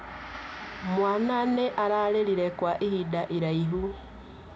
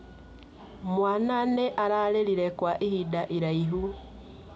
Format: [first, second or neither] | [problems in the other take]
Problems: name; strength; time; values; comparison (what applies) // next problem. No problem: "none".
second | background sound (Gong); 17 dB below the speech